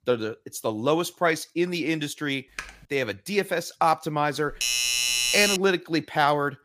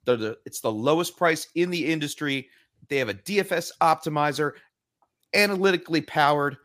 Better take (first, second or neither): second